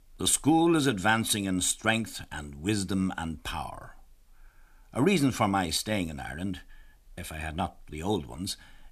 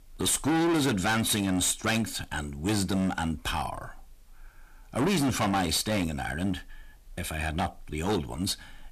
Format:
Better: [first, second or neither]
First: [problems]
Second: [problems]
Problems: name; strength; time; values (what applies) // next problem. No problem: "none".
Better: first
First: none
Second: distortion; heavy; 15% of the sound clipped